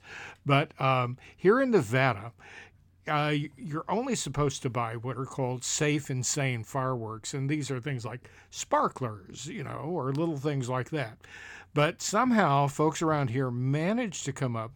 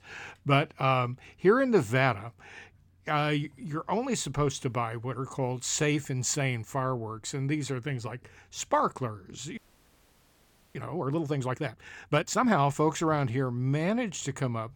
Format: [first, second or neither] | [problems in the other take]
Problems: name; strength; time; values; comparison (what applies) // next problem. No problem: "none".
first | audio freezing; at 9.5 s for 1 s